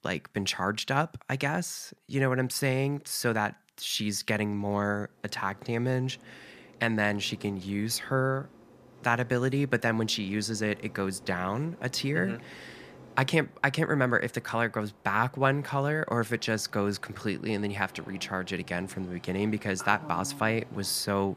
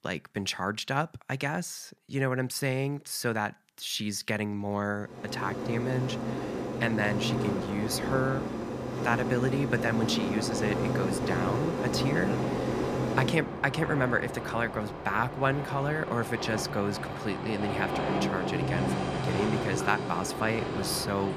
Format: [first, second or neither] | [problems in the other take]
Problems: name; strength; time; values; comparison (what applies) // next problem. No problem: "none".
first | train or aircraft noise; loud; from 5 s on; 1 dB below the speech; faint in the first